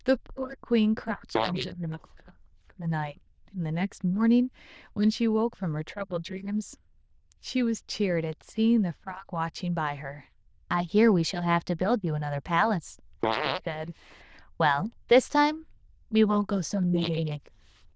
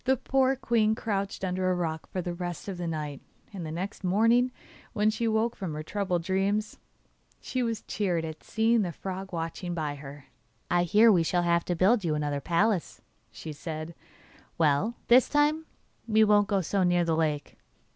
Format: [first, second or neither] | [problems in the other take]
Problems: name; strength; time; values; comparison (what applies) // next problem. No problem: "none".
second | noise reduction (neural diffusion model UNIVERSE++)